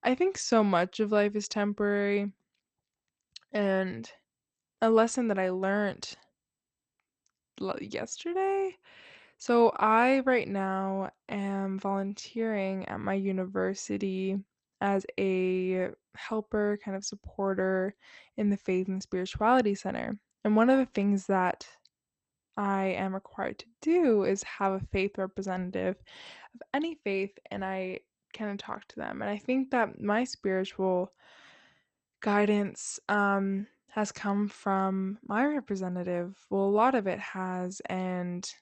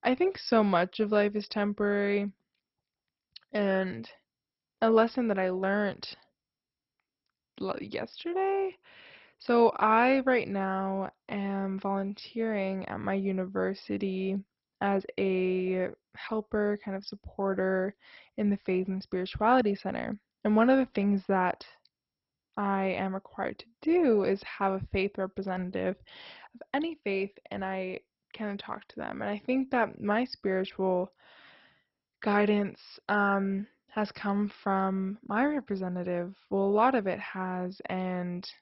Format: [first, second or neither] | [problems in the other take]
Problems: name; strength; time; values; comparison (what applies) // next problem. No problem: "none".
first | garbled, watery; badly; nothing above 5.5 kHz; slightly in the first